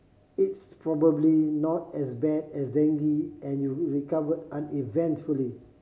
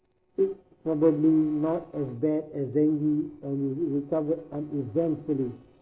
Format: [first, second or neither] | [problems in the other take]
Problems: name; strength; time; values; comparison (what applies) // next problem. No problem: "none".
first | noise reduction (neural separator model SepFormer DNS4)